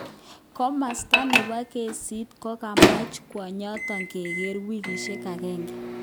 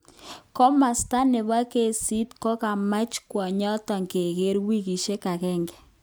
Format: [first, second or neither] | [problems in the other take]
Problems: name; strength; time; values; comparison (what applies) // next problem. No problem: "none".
second | background sound (Microwave oven); 4 dB above the speech